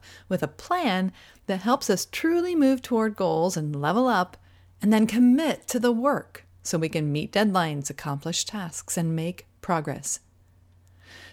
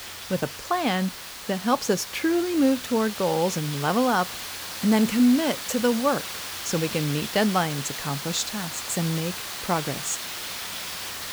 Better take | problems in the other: first | hiss; loud; throughout; 7 dB below the speech

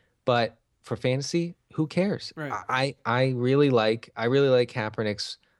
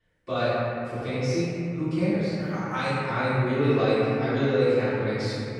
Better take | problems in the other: first | off-mic speech; far // room echo; strong; dies away in 2.7 s

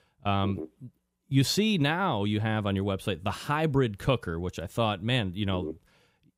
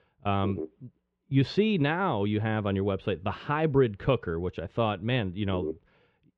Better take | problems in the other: first | muffled; slightly; fading above 3 kHz

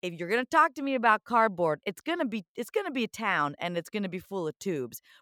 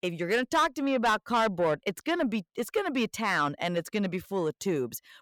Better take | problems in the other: first | distortion; heavy; 8 dB below the speech

